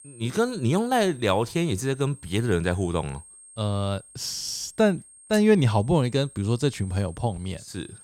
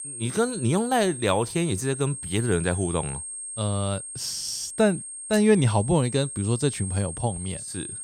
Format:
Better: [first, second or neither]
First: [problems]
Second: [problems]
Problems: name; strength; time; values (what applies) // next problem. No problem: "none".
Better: first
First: high-pitched whine; faint; throughout; 8.5 kHz, 20 dB below the speech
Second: high-pitched whine; loud; throughout; 8.5 kHz, 8 dB below the speech